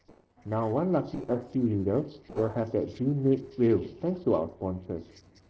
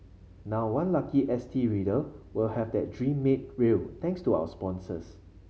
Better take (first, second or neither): second